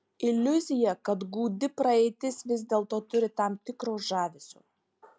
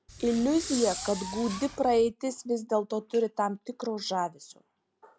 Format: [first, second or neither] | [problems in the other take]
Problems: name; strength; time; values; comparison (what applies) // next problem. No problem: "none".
first | background sound (Fireworks); 10 dB below the speech